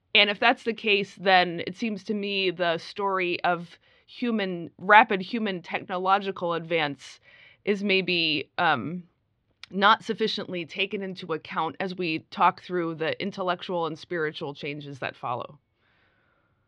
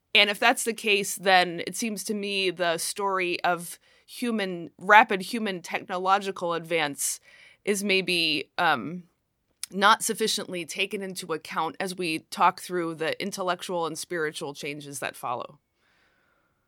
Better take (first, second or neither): second